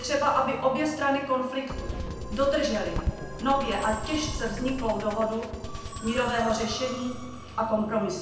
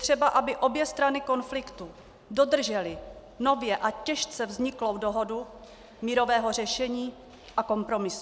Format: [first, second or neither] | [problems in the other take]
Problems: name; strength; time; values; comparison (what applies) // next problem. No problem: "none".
second | background sound (Musical instrument); 8 dB below the speech // room echo; dies away in 0.9 s